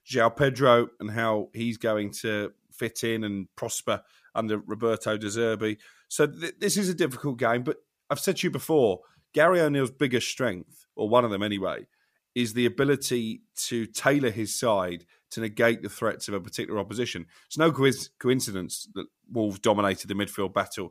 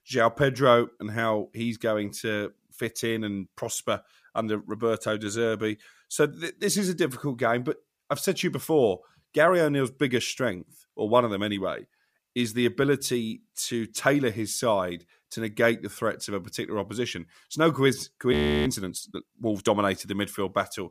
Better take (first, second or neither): first